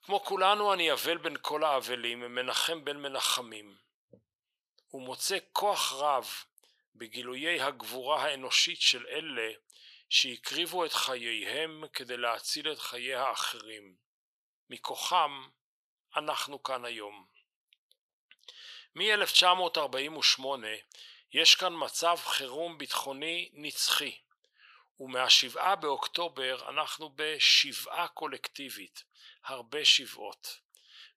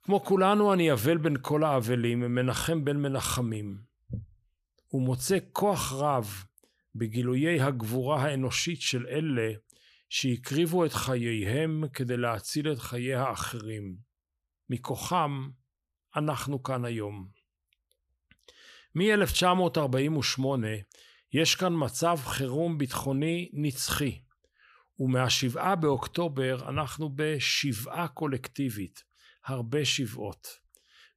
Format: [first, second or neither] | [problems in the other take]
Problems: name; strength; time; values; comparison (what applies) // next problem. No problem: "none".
second | thin; very; fading below 650 Hz